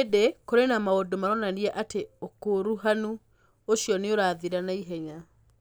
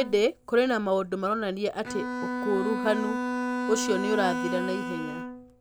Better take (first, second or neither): first